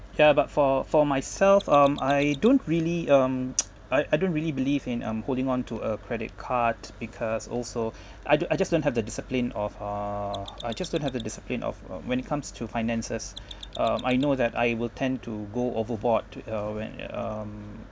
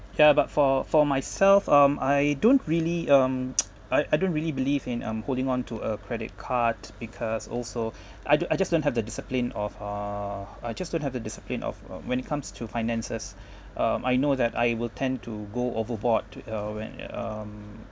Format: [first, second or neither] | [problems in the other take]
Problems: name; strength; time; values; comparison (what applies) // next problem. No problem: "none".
second | background sound (Mechanisms); 18 dB below the speech